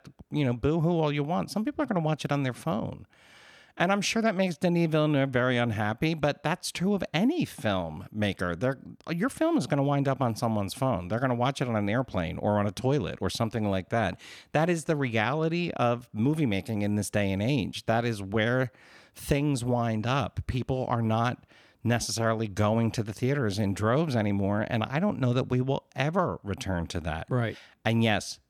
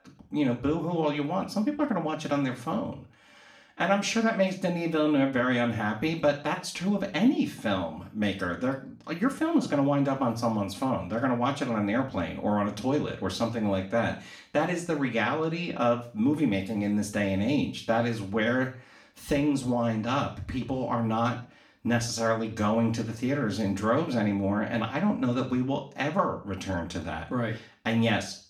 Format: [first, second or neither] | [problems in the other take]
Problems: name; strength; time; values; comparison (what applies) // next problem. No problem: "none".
first | room echo; slight; dies away in 0.4 s // off-mic speech; far